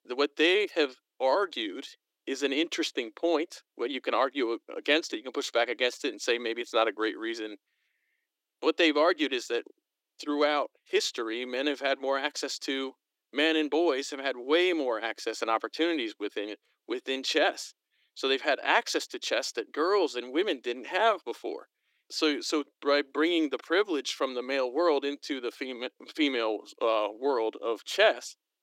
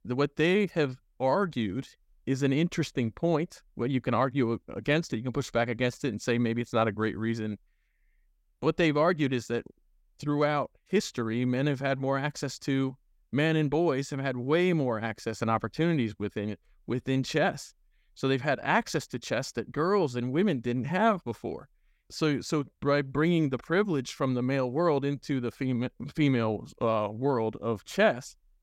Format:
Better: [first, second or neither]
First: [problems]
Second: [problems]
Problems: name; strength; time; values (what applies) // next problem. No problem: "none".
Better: second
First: thin; somewhat; fading below 300 Hz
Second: none